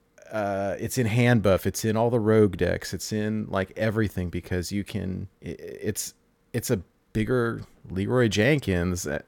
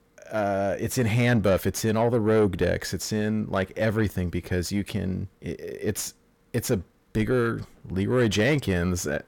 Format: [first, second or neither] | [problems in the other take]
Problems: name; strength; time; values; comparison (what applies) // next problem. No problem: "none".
first | distortion; slight; 10 dB below the speech